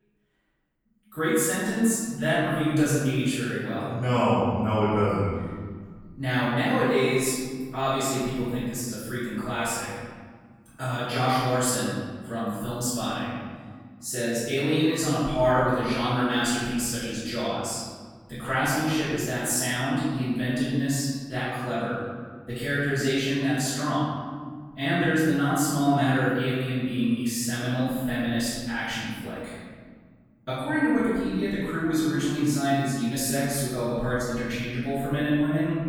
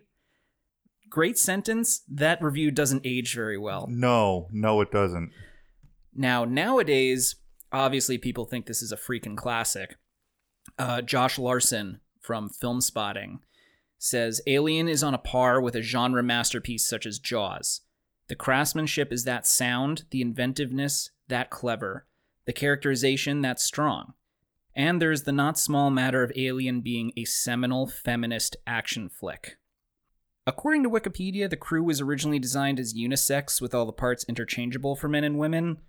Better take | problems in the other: second | off-mic speech; far // room echo; strong; dies away in 1.8 s

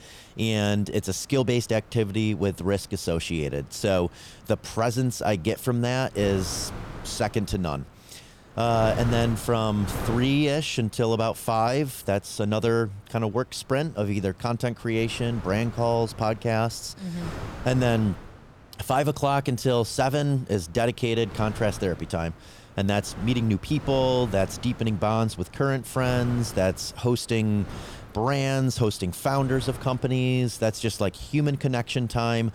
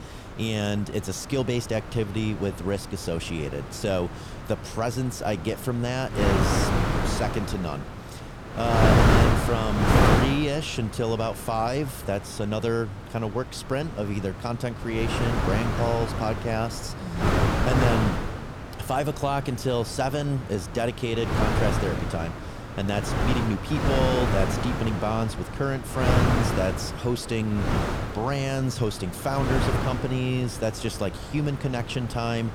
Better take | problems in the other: first | wind noise on the microphone; heavy; as loud as the speech; occasional gusts in the first

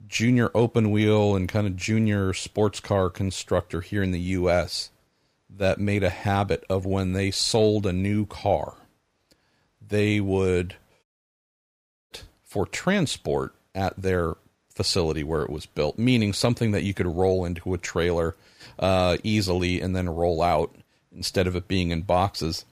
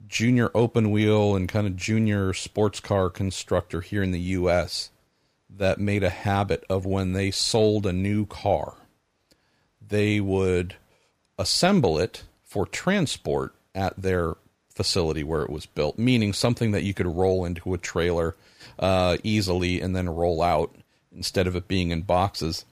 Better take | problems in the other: second | audio cutting out; at 11 s for 1 s

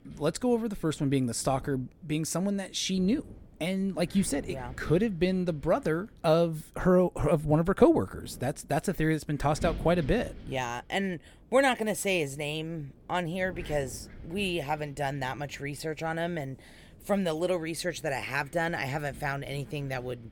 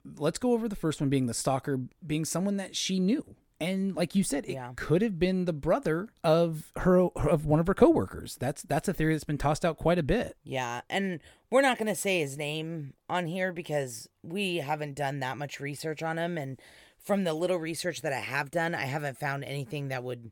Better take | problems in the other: second | wind noise on the microphone; occasional gusts; 25 dB below the speech

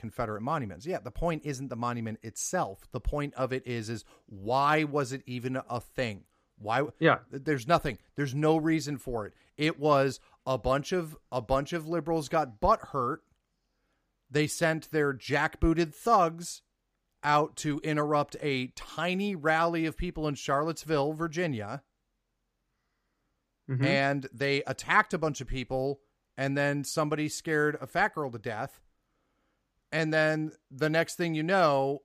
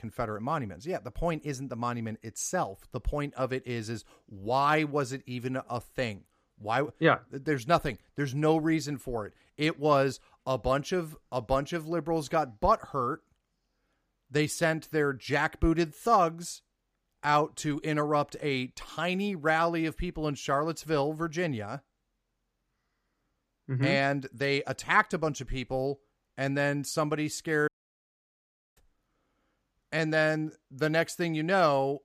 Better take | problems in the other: first | audio cutting out; at 28 s for 1 s

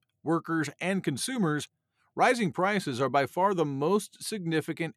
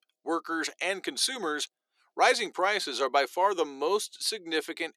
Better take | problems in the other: first | thin; somewhat; fading below 350 Hz

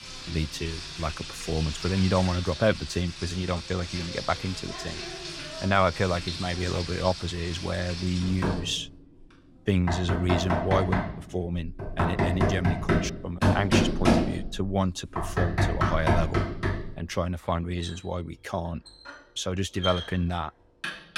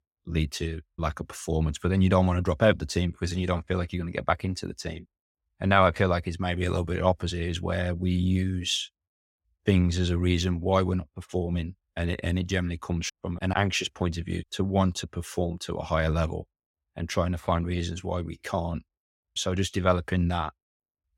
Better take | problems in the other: second | household noises; loud; throughout; 1 dB below the speech

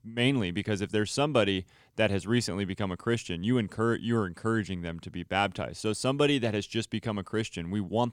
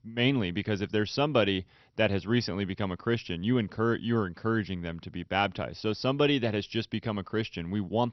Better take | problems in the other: first | garbled, watery; slightly; nothing above 6 kHz

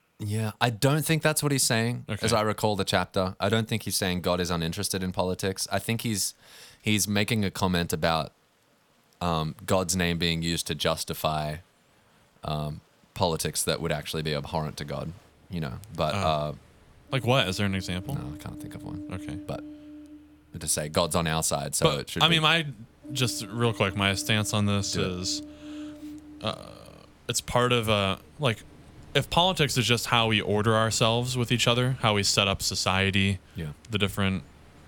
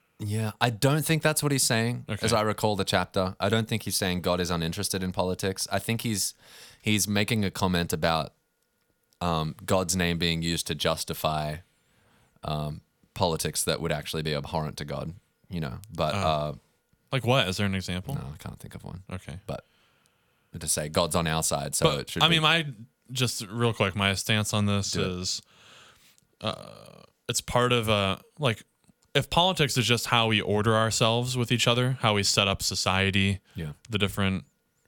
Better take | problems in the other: second | rain or running water; faint; throughout; 20 dB below the speech

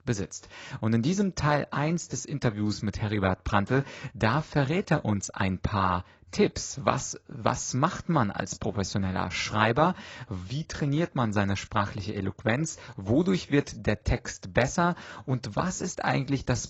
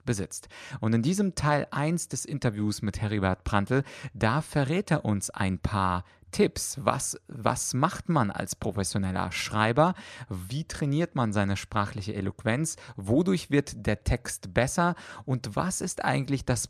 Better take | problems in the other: second | garbled, watery; badly; nothing above 7.5 kHz

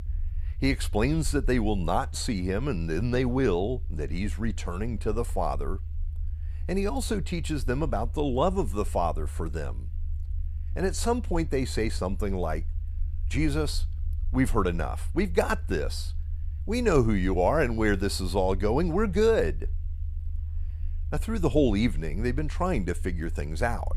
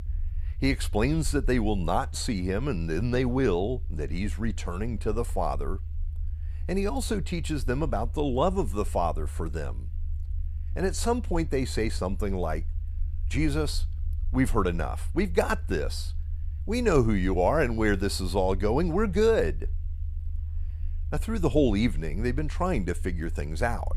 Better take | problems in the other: neither | low rumble; faint; throughout; 25 dB below the speech; the same in both

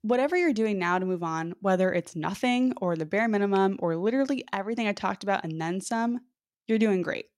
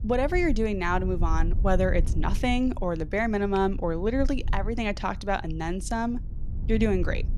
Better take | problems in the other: first | low rumble; faint; throughout; 20 dB below the speech

